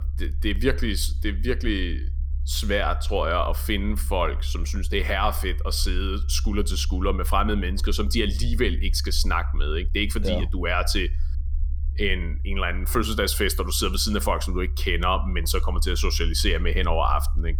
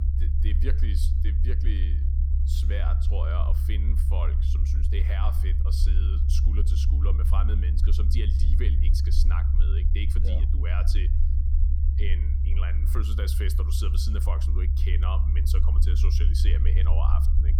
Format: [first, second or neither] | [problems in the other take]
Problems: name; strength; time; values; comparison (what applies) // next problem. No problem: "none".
first | low rumble; loud; throughout; 3 dB below the speech; faint in the first